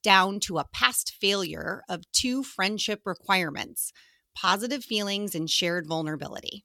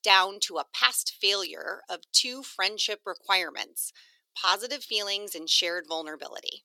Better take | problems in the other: first | thin; very; fading below 400 Hz

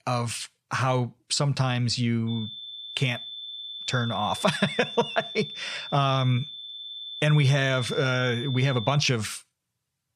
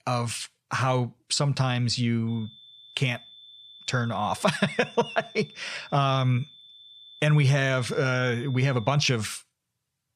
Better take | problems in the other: second | high-pitched whine; loud; from 2.5 to 9 s; 3.5 kHz, 9 dB below the speech; faint in the second

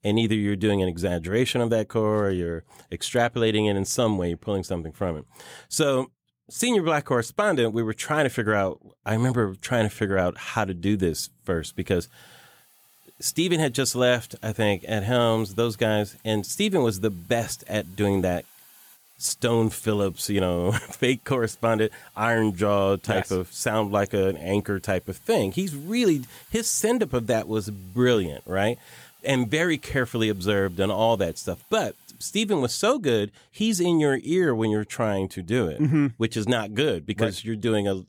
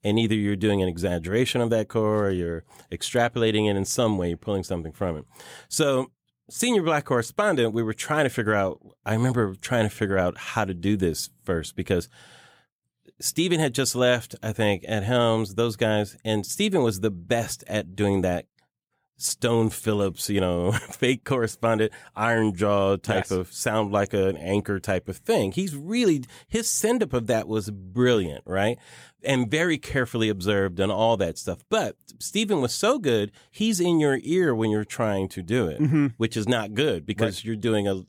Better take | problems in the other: second | hiss; faint; from 12 to 32 s; 25 dB below the speech

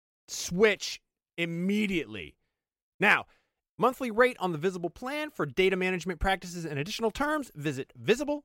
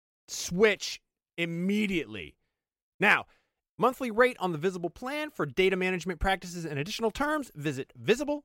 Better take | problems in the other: neither | none

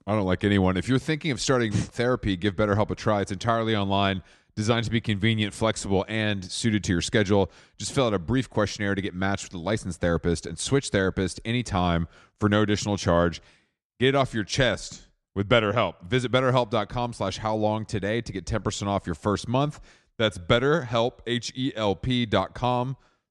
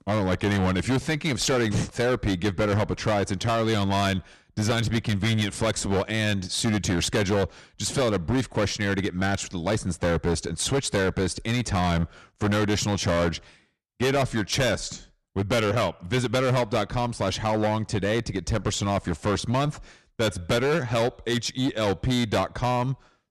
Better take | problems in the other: first | distortion; heavy; 18% of the sound clipped

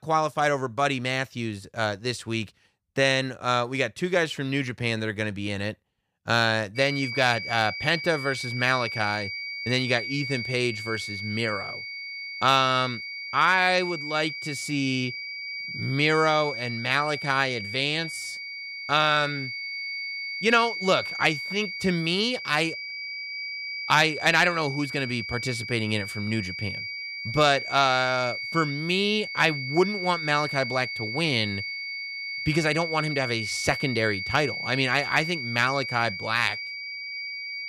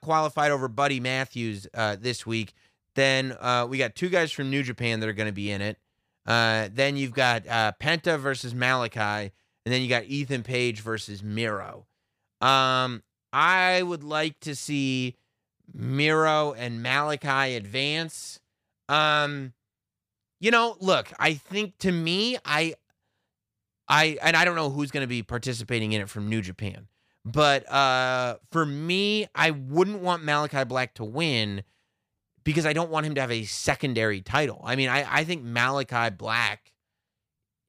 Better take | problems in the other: second | high-pitched whine; loud; from 7 s on; 2 kHz, 6 dB below the speech

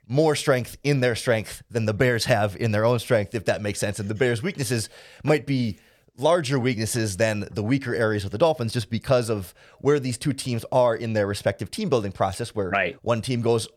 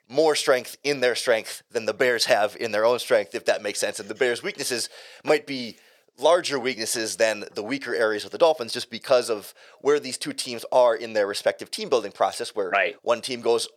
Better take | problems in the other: first | thin; somewhat; fading below 450 Hz

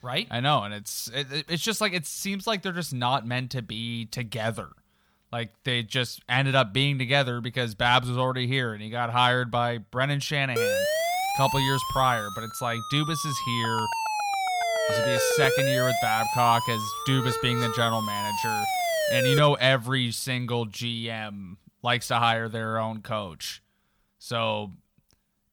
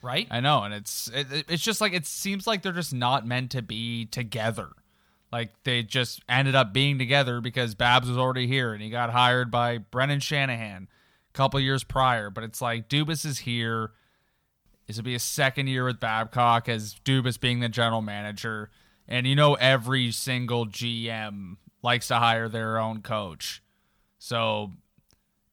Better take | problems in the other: second | siren; loud; from 11 to 19 s; peak 2 dB above the speech

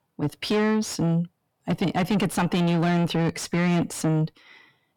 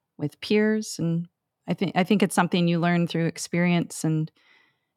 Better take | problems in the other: second | distortion; heavy; 8 dB below the speech

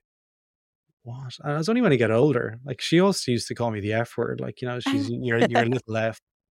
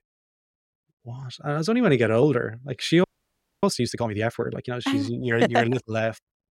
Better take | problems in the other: first | audio freezing; at 3 s for 0.5 s

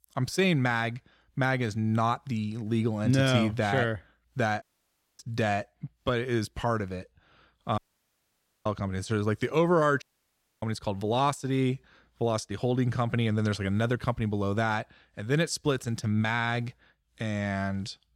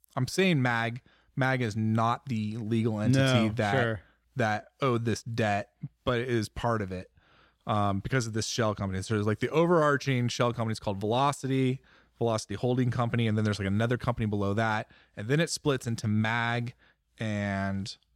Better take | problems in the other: second | audio cutting out; at 4.5 s for 0.5 s, at 8 s for 1 s and at 10 s for 0.5 s

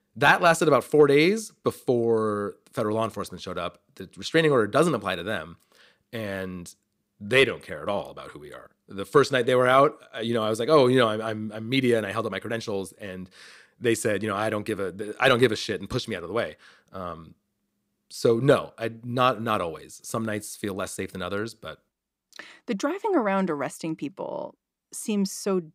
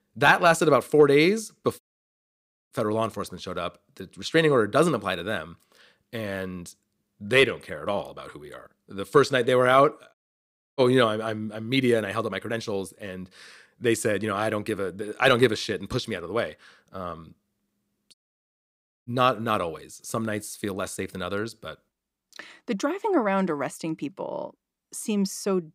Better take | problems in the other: first | audio cutting out; at 2 s for 1 s, at 10 s for 0.5 s and at 18 s for 1 s

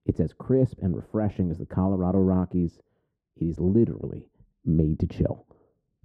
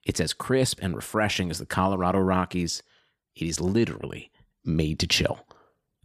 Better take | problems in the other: second | muffled; very; fading above 1 kHz

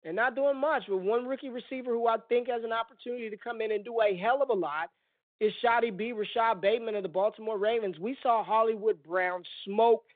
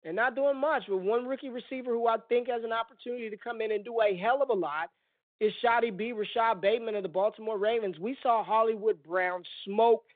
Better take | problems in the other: neither | phone-call audio; nothing above 3.5 kHz; the same in both

